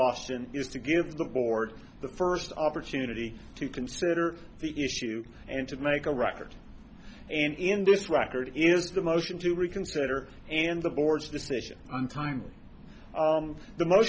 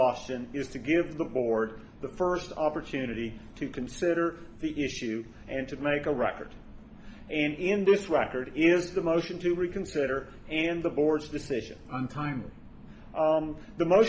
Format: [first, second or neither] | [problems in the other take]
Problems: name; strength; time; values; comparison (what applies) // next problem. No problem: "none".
first | room echo; dies away in 2.5 s